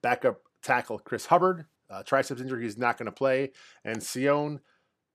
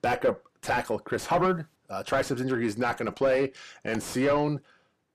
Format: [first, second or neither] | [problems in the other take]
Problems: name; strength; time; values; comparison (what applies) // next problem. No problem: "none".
first | distortion; heavy; 6 dB below the speech